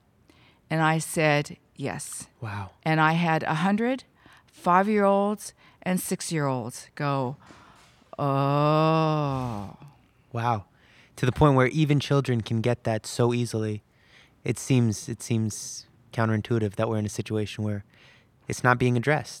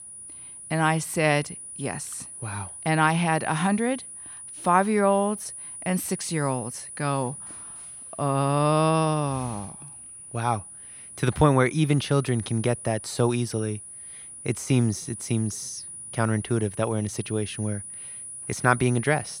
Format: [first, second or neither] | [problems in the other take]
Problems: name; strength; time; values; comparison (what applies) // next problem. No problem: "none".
first | high-pitched whine; noticeable; throughout; 9.5 kHz, 10 dB below the speech